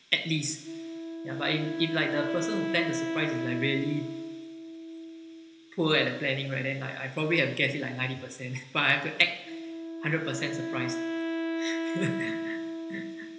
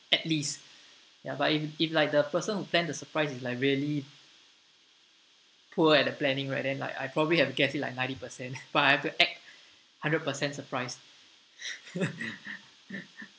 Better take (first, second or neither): second